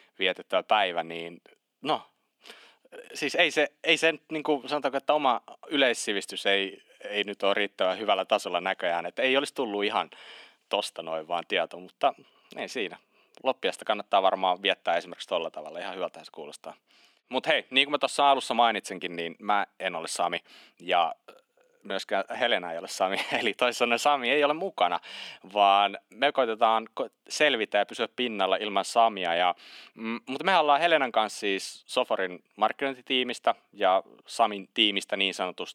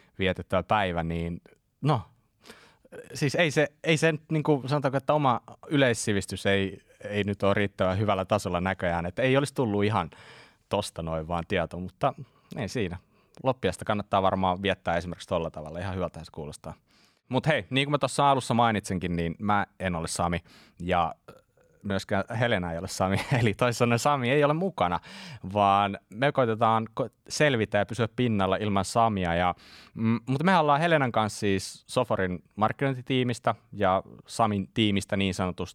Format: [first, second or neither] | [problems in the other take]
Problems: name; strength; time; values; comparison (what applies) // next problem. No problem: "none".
second | thin; somewhat; fading below 250 Hz